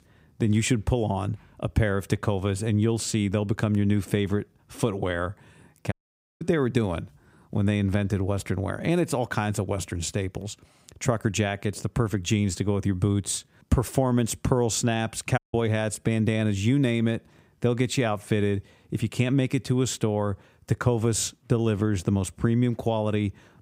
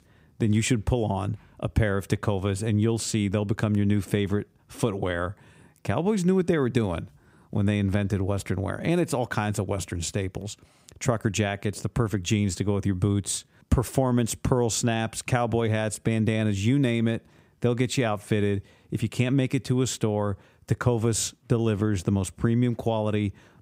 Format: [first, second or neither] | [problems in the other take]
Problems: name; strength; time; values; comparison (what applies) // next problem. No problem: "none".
second | audio cutting out; at 6 s and at 15 s